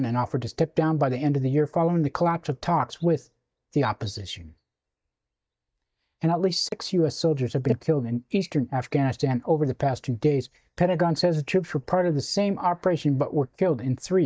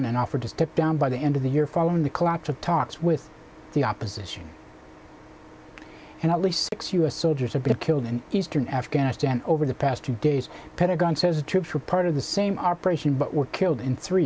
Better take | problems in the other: second | noise reduction (neural mask model DeepFilterNet 3)

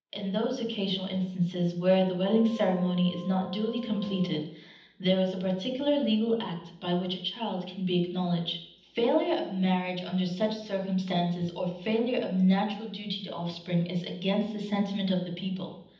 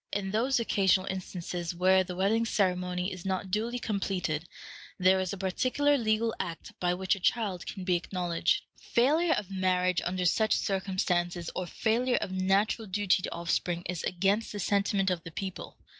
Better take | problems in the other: second | background sound (Wind instrument, woodwind instrument); 16 dB below the speech // room echo; dies away in 0.8 s

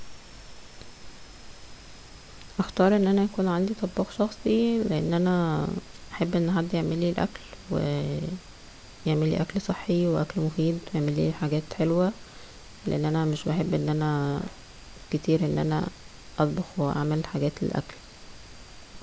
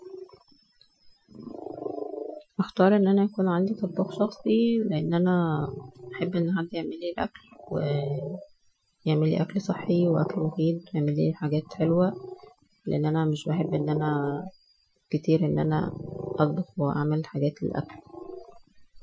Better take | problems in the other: first | noise reduction (classical method Wiener filter)

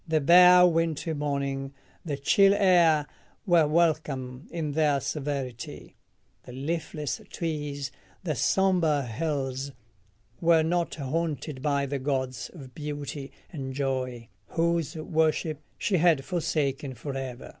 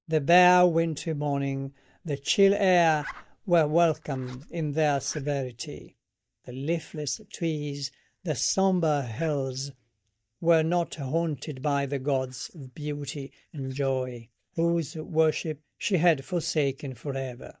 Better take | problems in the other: first | noise reduction (neural mask model DeepFilterNet 3)

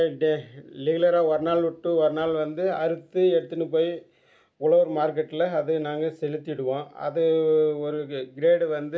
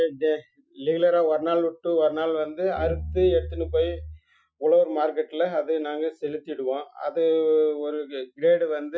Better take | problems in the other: first | noise reduction (classical method Wiener filter)

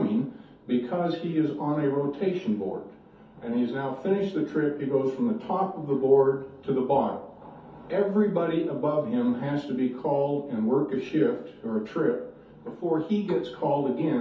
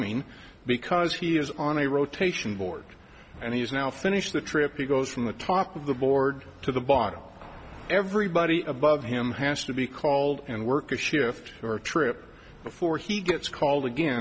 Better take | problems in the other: second | room echo; dies away in 0.5 s

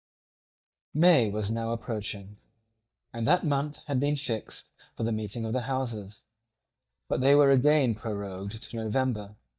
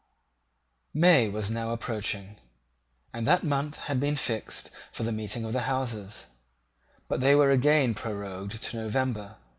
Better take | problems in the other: second | noise reduction (neural mask model DeepFilterNet 3)

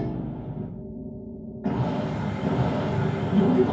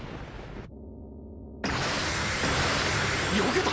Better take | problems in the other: second | background sound (Bowed string instrument); 17 dB below the speech // room echo; dies away in 0.9 s

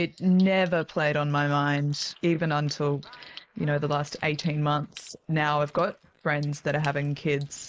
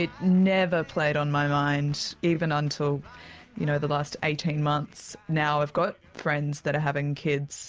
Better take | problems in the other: second | noise reduction (neural mask model Resemble Enhance denoiser)

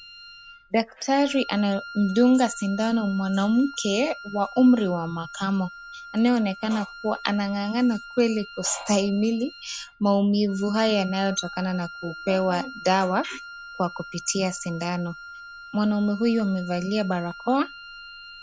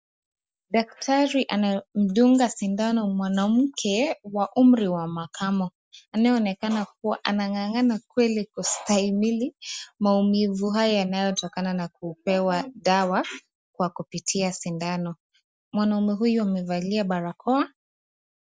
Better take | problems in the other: second | background sound (Wind instrument, woodwind instrument); 16 dB below the speech

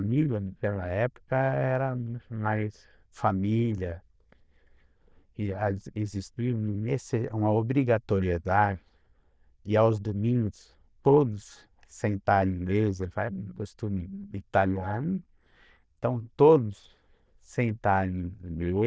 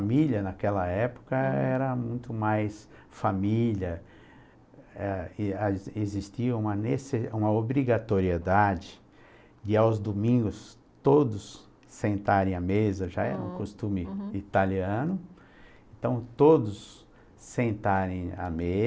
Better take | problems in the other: second | noise reduction (neural diffusion model UNIVERSE++)

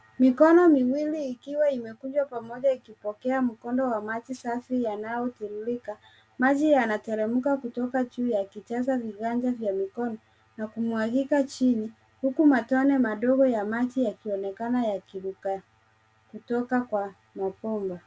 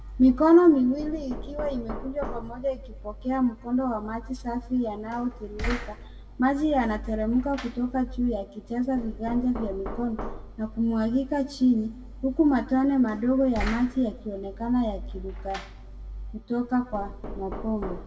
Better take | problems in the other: first | background sound (Knock); 11 dB below the speech // room echo; dies away in 1.4 s

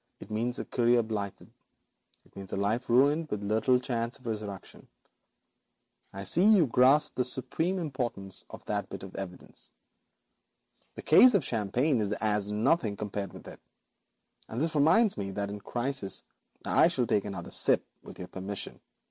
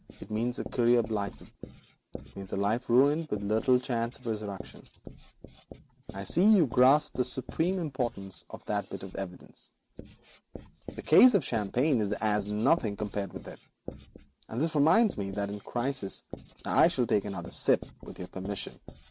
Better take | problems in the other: first | background sound (Writing); 17 dB below the speech

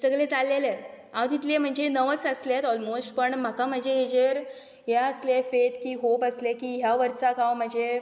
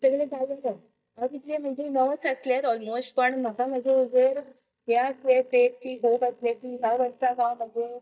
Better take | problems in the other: first | noise reduction (neural mask model DeepFilterNet 3)

